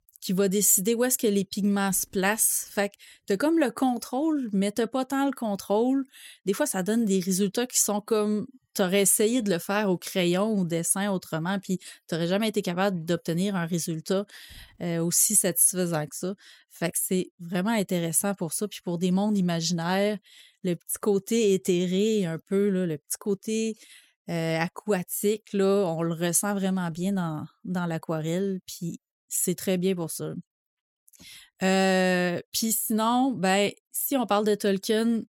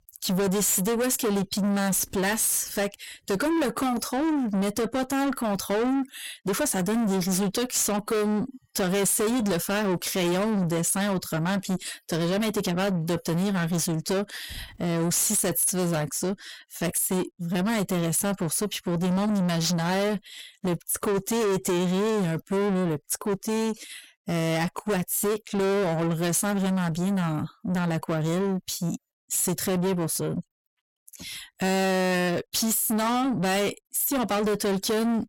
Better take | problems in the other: first | distortion; heavy; 7 dB below the speech

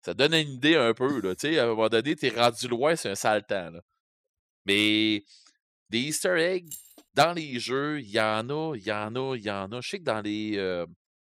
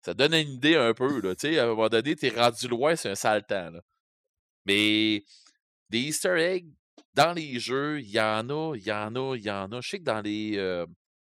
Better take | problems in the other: second | jangling keys; faint; at 6.5 s; peak 15 dB below the speech

